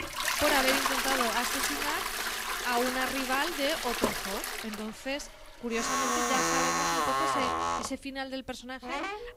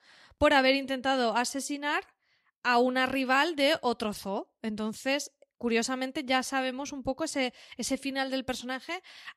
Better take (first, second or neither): second